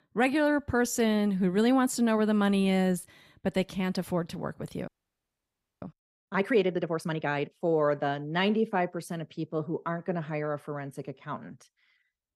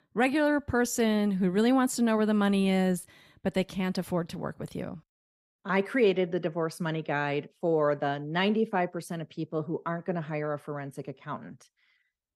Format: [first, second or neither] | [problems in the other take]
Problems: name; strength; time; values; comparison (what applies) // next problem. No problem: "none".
second | audio freezing; at 5 s for 1 s